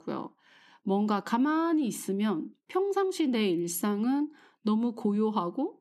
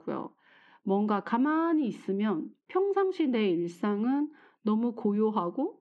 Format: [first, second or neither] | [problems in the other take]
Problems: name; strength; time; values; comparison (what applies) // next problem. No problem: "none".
first | muffled; very; fading above 2.5 kHz